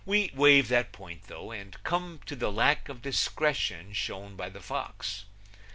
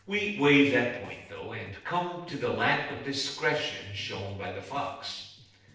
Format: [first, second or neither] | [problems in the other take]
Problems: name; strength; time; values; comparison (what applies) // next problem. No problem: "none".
first | noise reduction (neural separator model SepFormer DNS4)